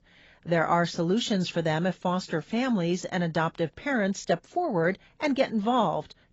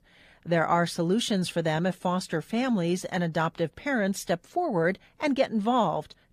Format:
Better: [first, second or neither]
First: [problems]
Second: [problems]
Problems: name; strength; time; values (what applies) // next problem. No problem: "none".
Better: second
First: garbled, watery; badly; nothing above 7.5 kHz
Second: garbled, watery; slightly; nothing above 14.5 kHz